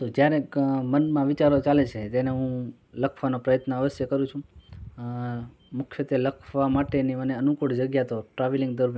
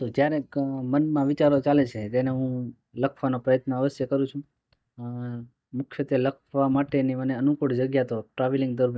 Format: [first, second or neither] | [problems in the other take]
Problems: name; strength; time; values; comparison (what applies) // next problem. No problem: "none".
first | noise reduction (neural mask model DeepFilterNet 3)